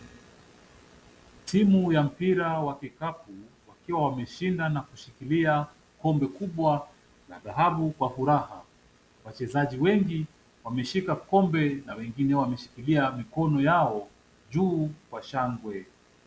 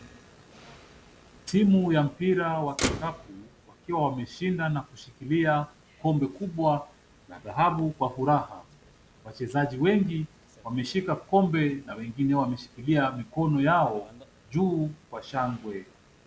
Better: first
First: none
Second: background sound (Motor vehicle (road)); 17 dB below the speech

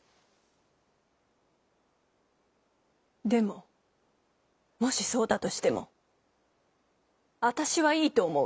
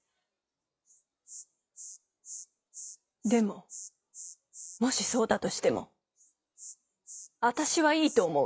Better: first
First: none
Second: noise reduction (classical method log-MMSE)

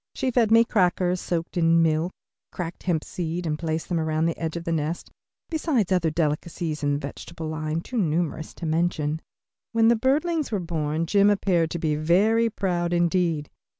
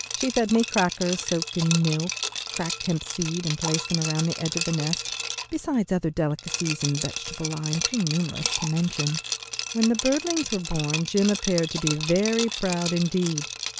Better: first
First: none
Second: background sound (Liquid); 5 dB below the speech

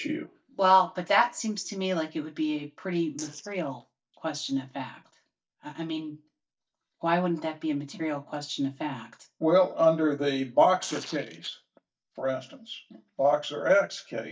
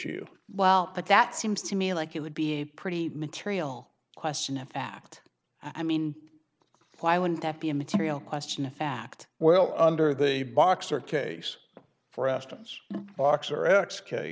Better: second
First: noise reduction (neural mask model DeepFilterNet 3)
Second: none

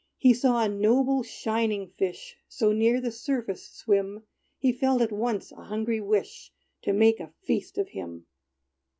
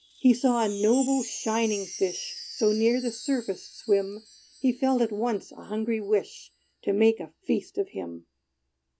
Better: first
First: none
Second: background sound (Wind chime); 16 dB below the speech

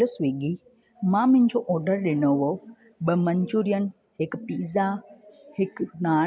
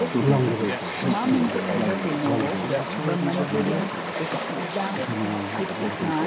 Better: first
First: none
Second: background sound (Chatter / Stream); 3 dB above the speech

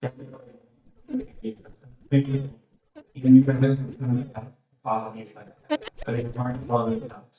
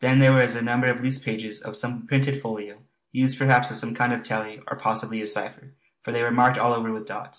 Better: second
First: noise reduction (neural mask model DeepFilterNet 3)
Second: none

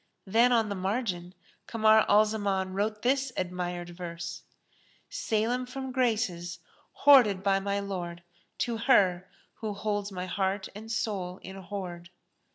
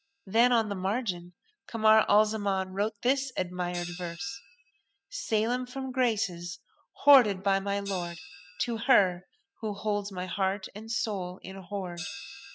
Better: first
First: none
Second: noise reduction (classical method spectral subtraction)

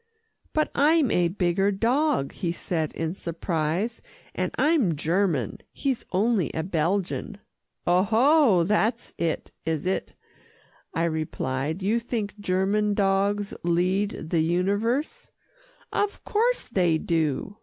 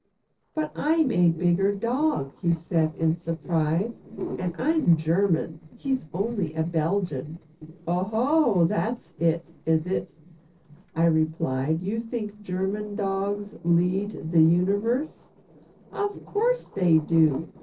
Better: first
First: none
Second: noise reduction (neural separator model SepFormer DNS4)

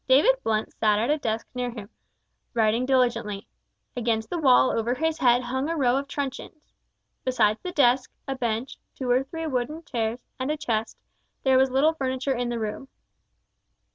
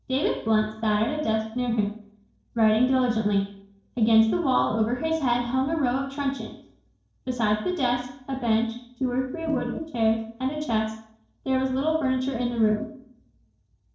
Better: first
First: none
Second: noise reduction (neural separator model SepFormer DNS4)

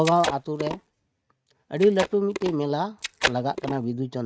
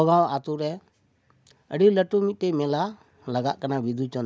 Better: second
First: noise reduction (neural mask model RNNoise)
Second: none

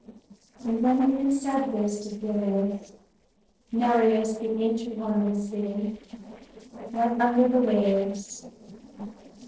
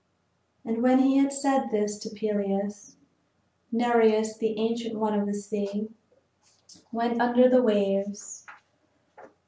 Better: second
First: noise reduction (neural separator model SepFormer DNS4)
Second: none

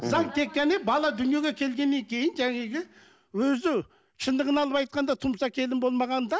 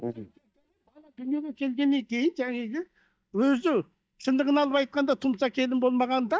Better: first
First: none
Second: noise reduction (neural mask model DeepFilterNet 3)

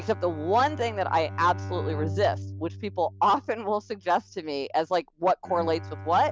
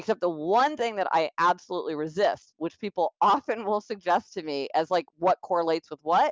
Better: second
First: background sound (Bowed string instrument); 11 dB below the speech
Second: none

